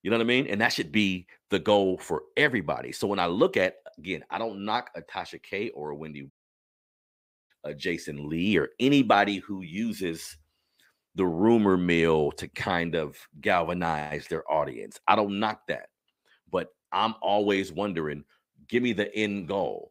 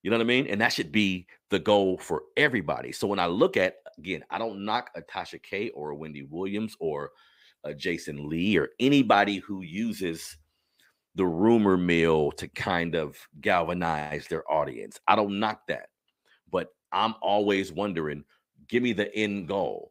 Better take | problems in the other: second | audio cutting out; at 6.5 s for 1 s

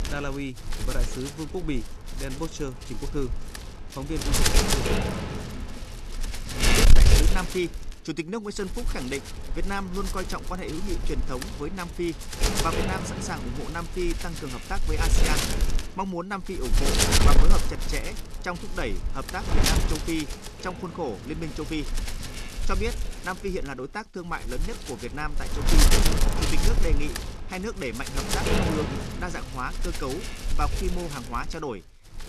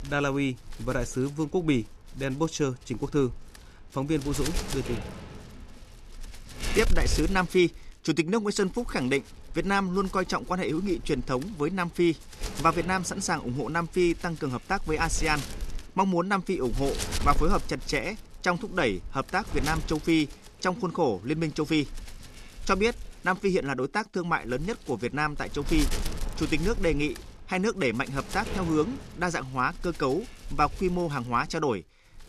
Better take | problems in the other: second | wind noise on the microphone; heavy; 3 dB above the speech; occasional gusts in the second

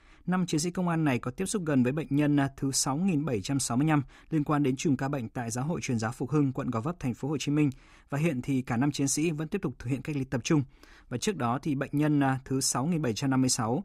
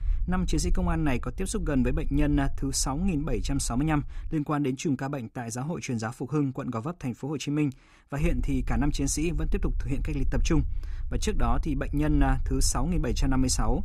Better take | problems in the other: first | low rumble; faint; until 4.5 s and from 8 s on; 25 dB below the speech

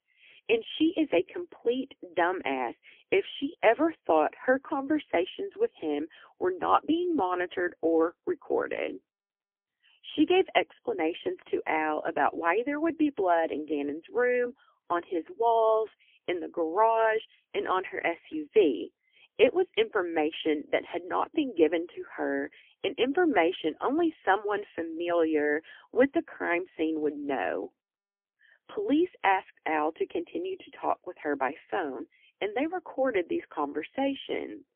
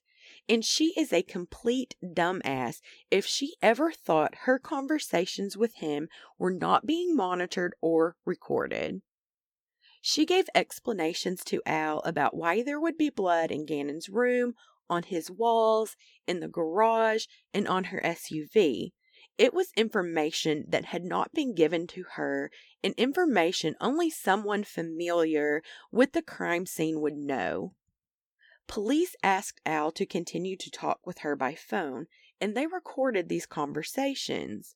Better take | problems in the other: second | phone-call audio; poor line; nothing above 3.5 kHz

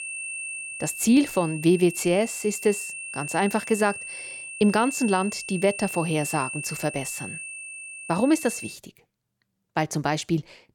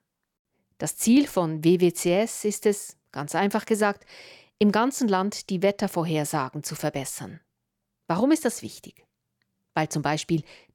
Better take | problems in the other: second | high-pitched whine; loud; until 8.5 s; 2.5 kHz, 9 dB below the speech

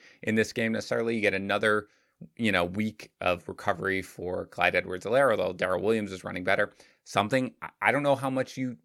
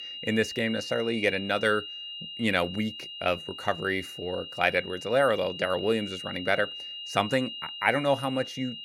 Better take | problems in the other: first | high-pitched whine; loud; throughout; 3 kHz, 9 dB below the speech

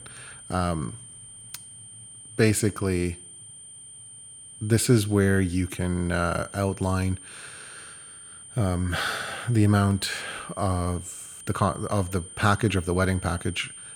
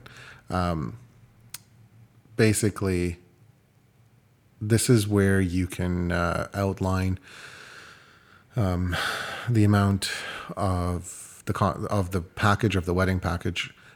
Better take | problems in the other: second | high-pitched whine; noticeable; throughout; 9 kHz, 15 dB below the speech

